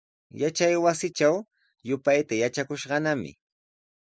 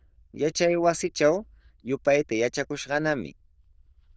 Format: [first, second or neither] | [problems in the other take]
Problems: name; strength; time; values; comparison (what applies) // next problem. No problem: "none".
first | noise reduction (neural diffusion model UNIVERSE++)